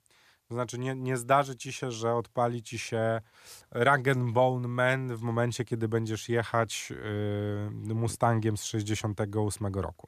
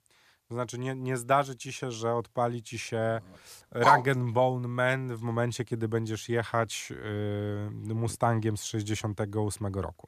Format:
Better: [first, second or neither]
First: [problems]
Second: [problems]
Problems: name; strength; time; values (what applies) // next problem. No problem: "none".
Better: first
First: none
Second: dog barking; loud; at 4 s; peak 6 dB above the speech